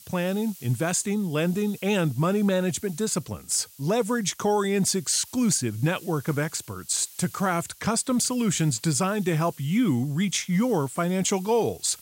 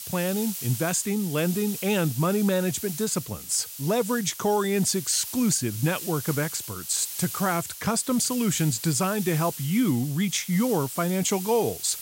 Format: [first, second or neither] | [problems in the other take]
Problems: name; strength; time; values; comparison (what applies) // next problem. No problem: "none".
first | hiss; loud; throughout; 9 dB below the speech; faint in the first